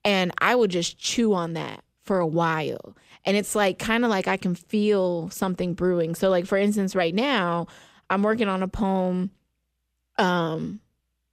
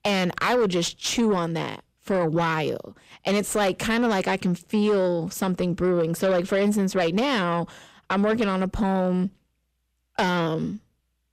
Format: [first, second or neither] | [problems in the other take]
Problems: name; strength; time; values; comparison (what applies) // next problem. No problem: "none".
first | distortion; slight; 10 dB below the speech